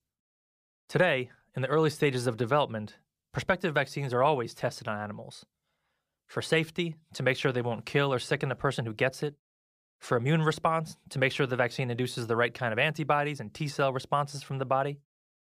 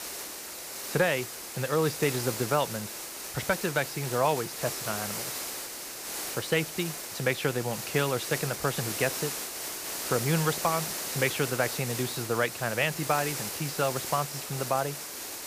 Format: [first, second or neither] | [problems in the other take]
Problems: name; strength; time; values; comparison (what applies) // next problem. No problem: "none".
first | hiss; loud; throughout; 4 dB below the speech